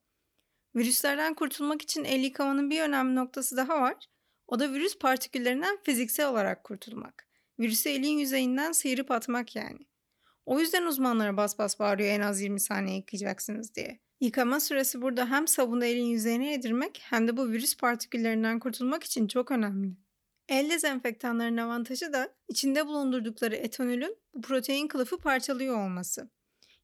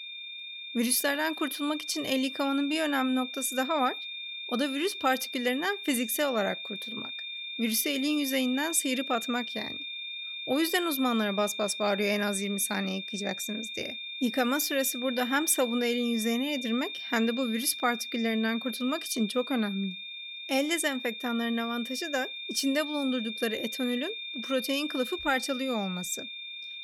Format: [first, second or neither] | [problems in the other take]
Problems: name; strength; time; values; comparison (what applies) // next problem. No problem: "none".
first | high-pitched whine; loud; throughout; 3.5 kHz, 7 dB below the speech